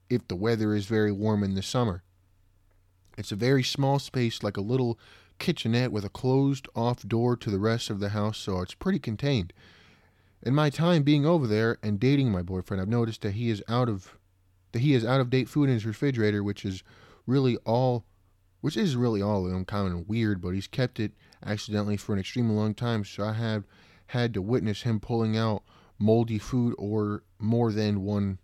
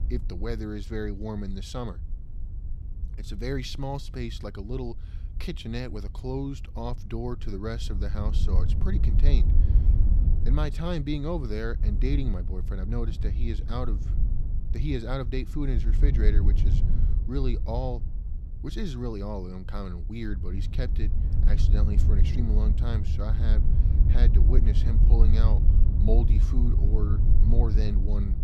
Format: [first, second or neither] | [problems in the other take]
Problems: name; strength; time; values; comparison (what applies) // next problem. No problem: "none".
first | wind noise on the microphone; heavy; 6 dB below the speech